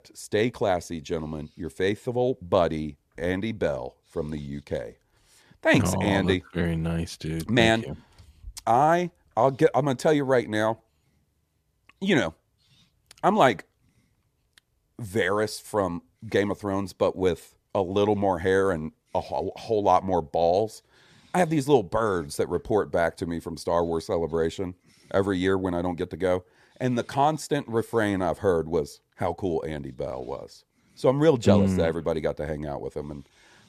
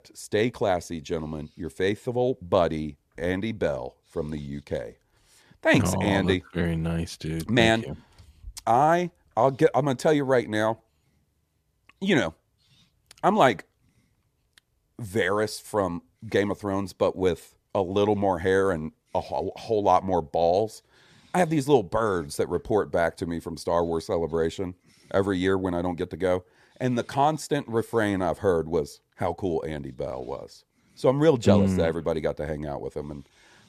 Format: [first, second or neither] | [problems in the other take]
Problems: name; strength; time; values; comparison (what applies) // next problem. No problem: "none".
neither | none